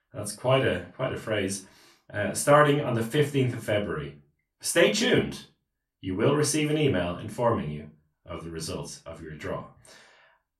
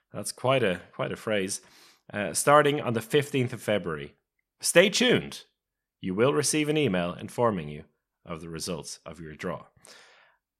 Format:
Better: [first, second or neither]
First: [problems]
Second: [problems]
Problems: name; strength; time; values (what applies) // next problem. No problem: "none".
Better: second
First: off-mic speech; far // room echo; very slight; dies away in 0.2 s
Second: none